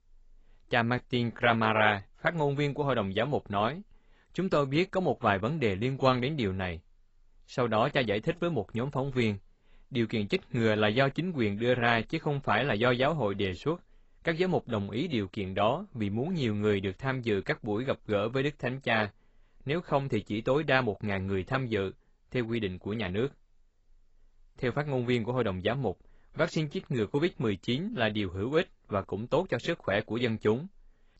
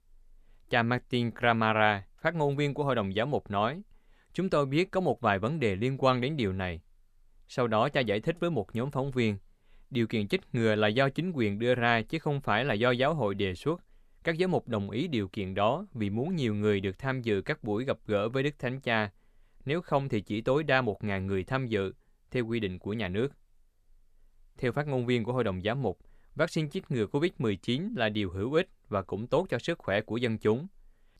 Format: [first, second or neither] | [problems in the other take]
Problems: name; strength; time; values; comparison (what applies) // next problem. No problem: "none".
second | garbled, watery; badly; nothing above 8 kHz